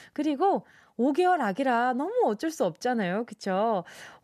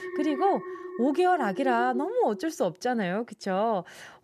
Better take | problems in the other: first | alarm; noticeable; until 2.5 s; peak 6 dB below the speech

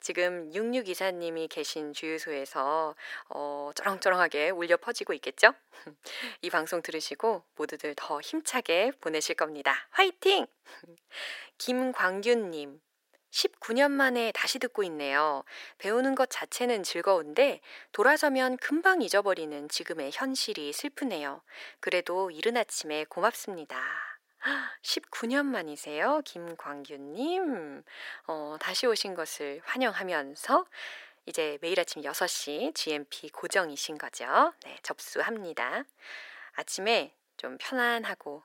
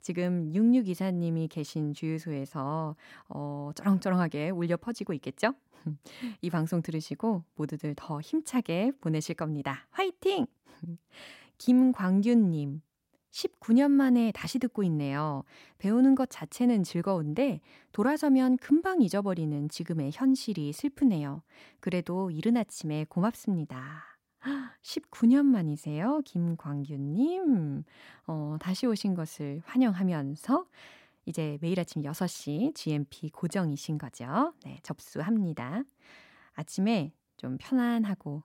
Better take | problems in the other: second | thin; very; fading below 450 Hz

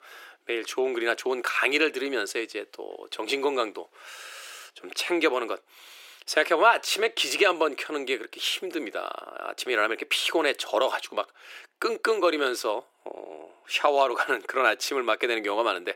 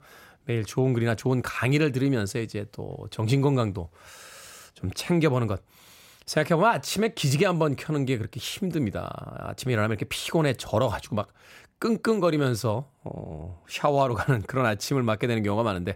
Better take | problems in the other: second | thin; very; fading below 350 Hz

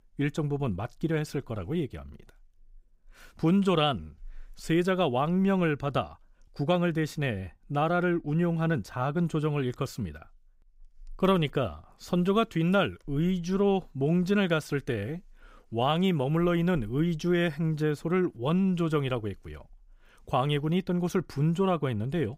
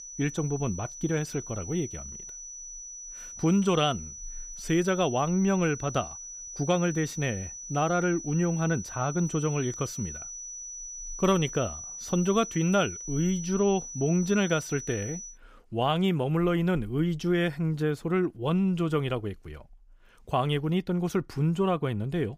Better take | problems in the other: first | high-pitched whine; noticeable; until 15 s; 6 kHz, 10 dB below the speech

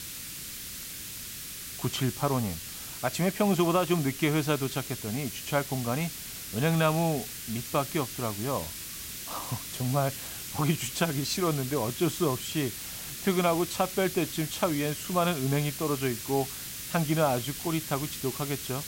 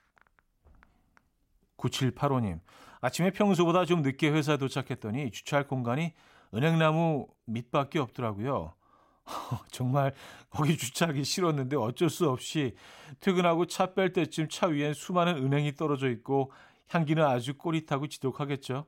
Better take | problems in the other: second | hiss; loud; throughout; 7 dB below the speech

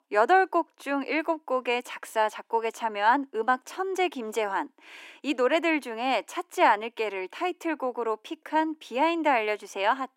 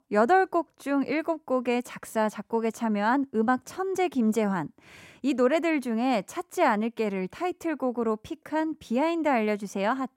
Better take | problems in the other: second | thin; somewhat; fading below 300 Hz

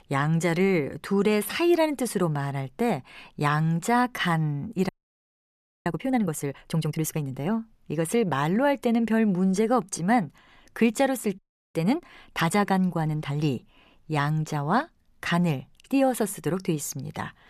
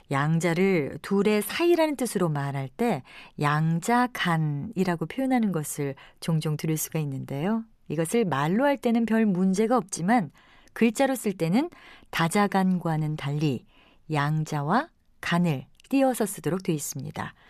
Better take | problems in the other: second | audio freezing; at 5 s for 1 s and at 11 s

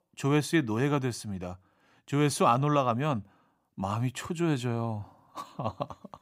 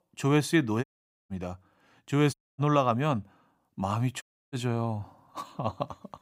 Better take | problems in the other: first | audio cutting out; at 1 s, at 2.5 s and at 4 s

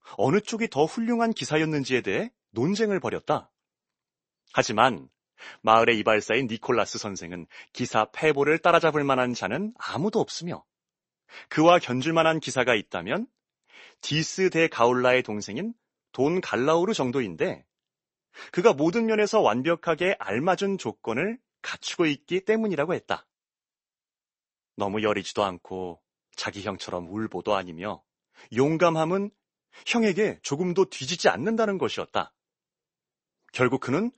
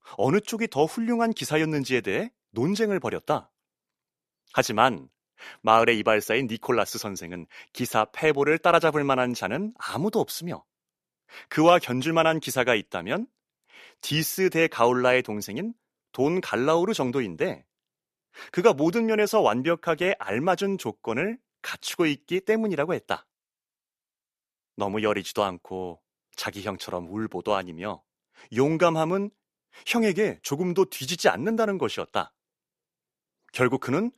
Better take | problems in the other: second | garbled, watery; slightly; nothing above 8 kHz

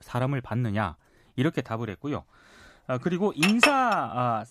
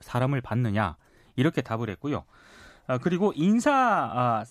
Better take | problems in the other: second | clattering dishes; loud; at 3.5 s; peak 6 dB above the speech

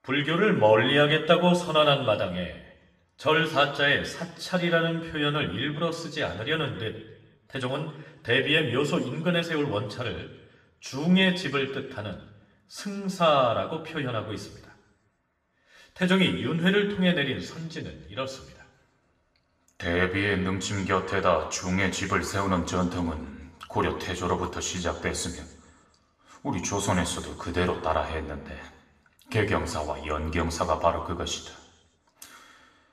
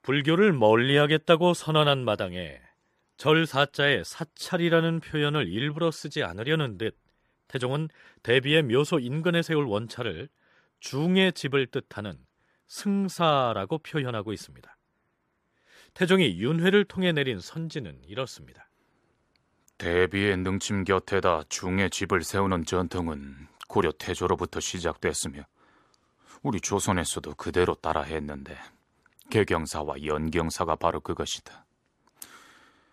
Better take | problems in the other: second | room echo; slight; dies away in 0.9 s // off-mic speech; somewhat distant

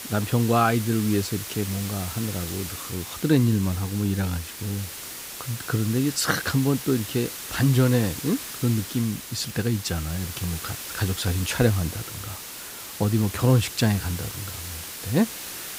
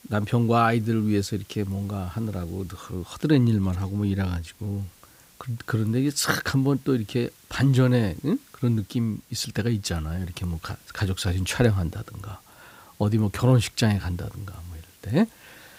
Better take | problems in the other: second | hiss; loud; throughout; 9 dB below the speech; faint in the second

